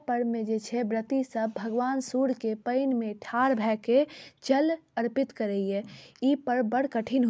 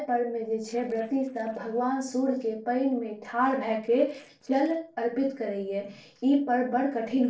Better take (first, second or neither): first